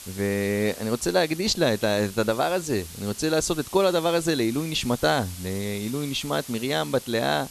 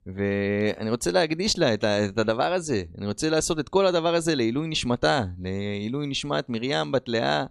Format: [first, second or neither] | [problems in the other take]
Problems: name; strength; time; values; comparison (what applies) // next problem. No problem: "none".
second | hiss; noticeable; throughout; 15 dB below the speech